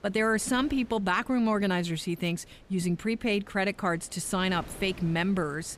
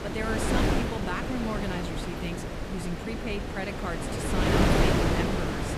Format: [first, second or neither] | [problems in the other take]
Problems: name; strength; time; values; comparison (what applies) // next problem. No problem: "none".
first | wind noise on the microphone; heavy; 5 dB above the speech; occasional gusts in the first